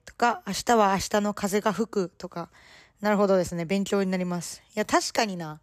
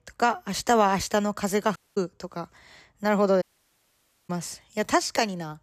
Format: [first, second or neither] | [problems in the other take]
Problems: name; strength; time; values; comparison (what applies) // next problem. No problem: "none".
first | audio cutting out; at 2 s and at 3.5 s for 1 s